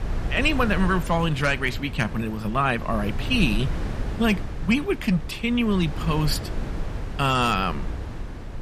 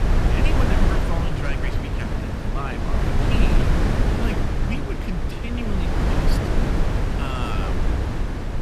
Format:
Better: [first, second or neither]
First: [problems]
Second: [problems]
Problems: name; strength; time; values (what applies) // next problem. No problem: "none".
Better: first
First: wind noise on the microphone; occasional gusts; 15 dB below the speech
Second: wind noise on the microphone; heavy; 4 dB above the speech